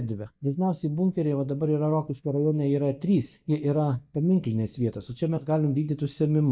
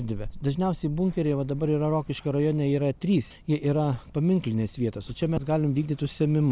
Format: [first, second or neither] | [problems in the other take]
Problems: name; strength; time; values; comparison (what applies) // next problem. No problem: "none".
second | noise reduction (neural mask model DeepFilterNet 3)